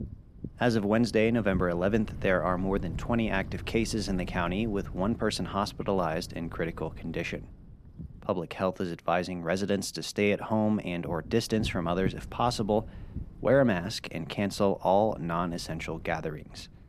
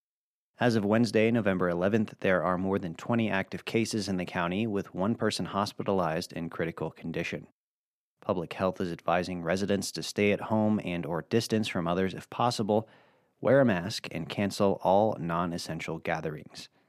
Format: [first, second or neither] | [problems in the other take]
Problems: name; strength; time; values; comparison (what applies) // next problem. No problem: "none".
second | wind noise on the microphone; occasional gusts; 25 dB below the speech